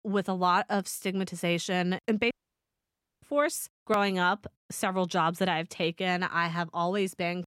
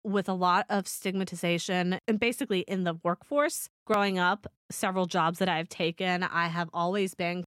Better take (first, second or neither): second